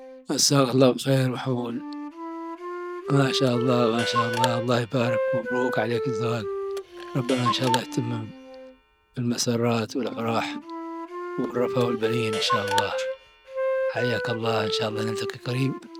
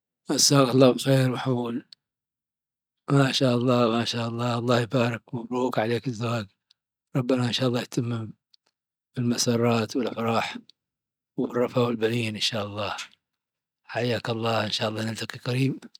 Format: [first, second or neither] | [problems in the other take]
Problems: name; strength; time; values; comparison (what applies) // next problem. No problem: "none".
second | background sound (Wind instrument, woodwind instrument + Clock); 4 dB below the speech